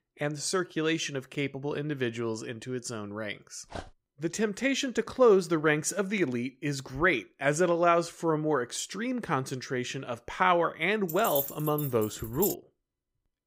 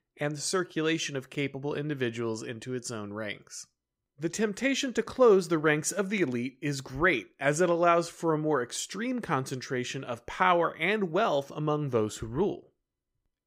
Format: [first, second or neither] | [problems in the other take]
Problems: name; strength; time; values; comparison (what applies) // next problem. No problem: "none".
second | dog barking; faint; at 3.5 s; peak 15 dB below the speech // jangling keys; noticeable; from 11 to 13 s; peak 3 dB below the speech